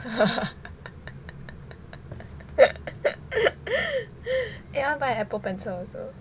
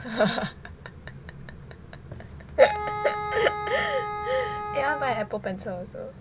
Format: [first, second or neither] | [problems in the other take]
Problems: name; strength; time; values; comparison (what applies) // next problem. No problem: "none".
first | background sound (Wind instrument, woodwind instrument); 4 dB below the speech